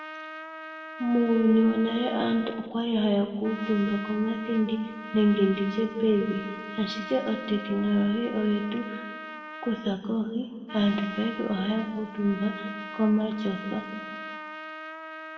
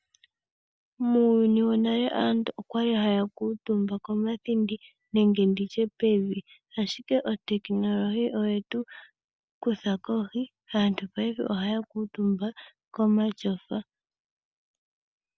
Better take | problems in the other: second | background sound (Trumpet); 13 dB below the speech // room echo; dies away in 1.4 s

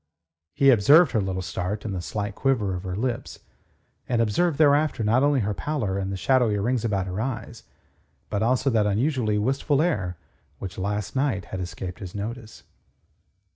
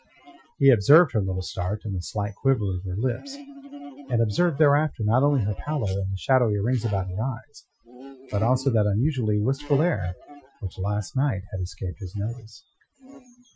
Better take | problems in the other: first | noise reduction (classical method Wiener filter)

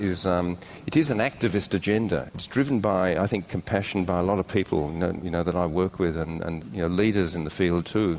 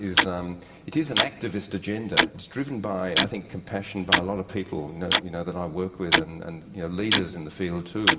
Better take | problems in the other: first | background sound (Tick-tock); 1 dB above the speech // room echo; dies away in 1.3 s

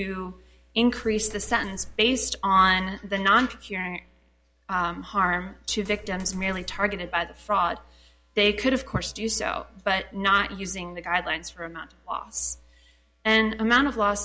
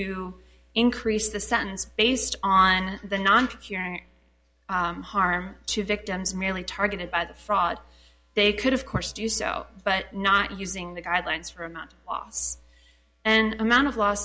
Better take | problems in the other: second | background sound (Coin (dropping)); 17 dB below the speech

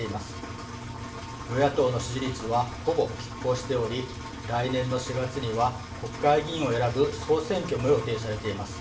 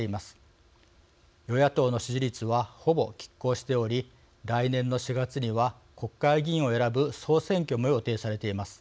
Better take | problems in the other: second | background sound (Engine); 9 dB below the speech // room echo; dies away in 0.4 s

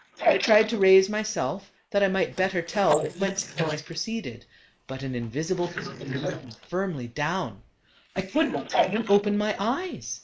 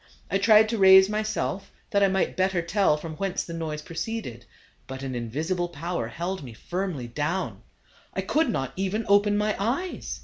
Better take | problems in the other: second | noise reduction (neural mask model Resemble Enhance denoiser)

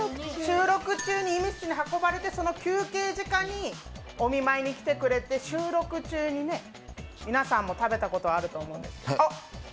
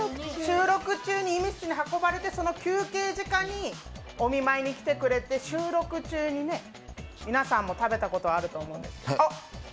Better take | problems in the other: second | background sound (Marimba, xylophone); 15 dB below the speech

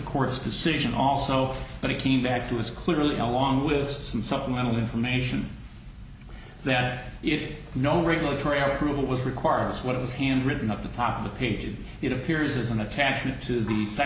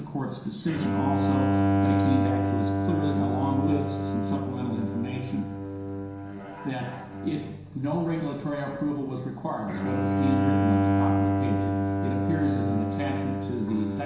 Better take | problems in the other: first | background sound (Bowed string instrument); 3 dB above the speech // room echo; dies away in 0.7 s

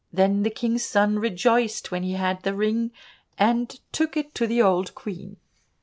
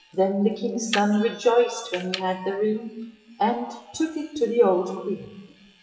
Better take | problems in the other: first | noise reduction (classical method WPE with log-MMSE)

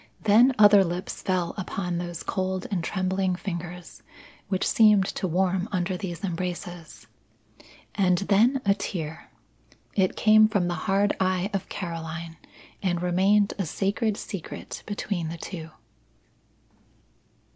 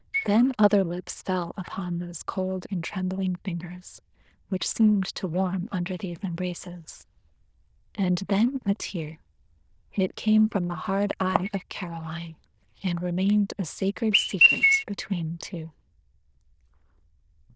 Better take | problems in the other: first | noise reduction (neural diffusion model UNIVERSE++)

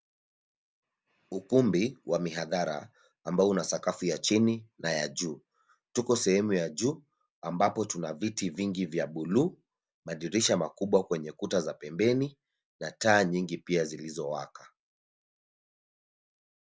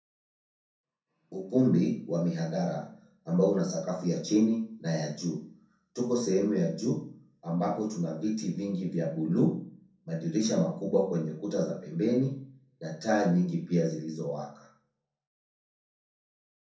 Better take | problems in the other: first | room echo; dies away in 0.6 s

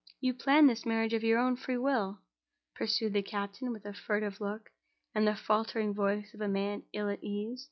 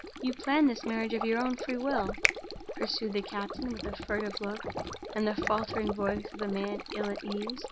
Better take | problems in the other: first | background sound (Stream + Finger snapping); 4 dB below the speech

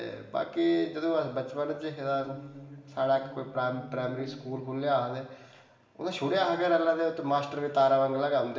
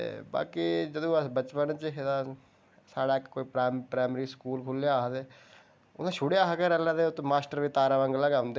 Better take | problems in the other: second | background sound (Musical instrument); 17 dB below the speech // room echo; dies away in 1.1 s

